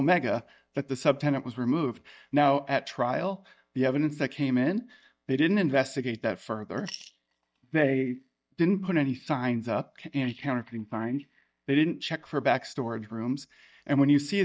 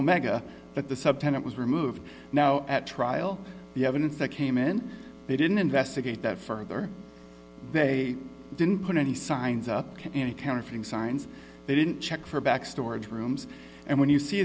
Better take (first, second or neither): second